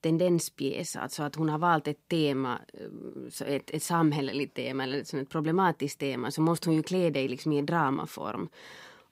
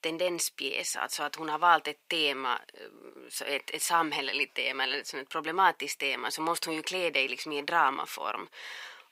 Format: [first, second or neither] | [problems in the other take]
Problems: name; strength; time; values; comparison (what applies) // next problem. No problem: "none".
first | thin; very; fading below 700 Hz